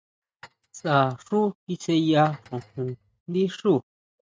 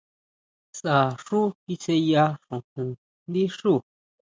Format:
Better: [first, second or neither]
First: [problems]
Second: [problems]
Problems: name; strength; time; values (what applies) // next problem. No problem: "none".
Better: second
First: noise reduction (neural mask model RNNoise)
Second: none